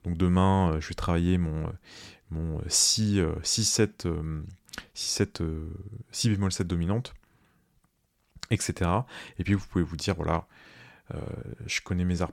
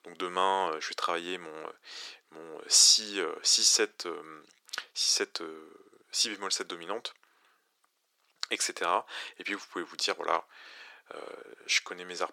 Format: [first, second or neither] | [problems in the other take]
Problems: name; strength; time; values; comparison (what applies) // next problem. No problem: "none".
first | thin; very; fading below 400 Hz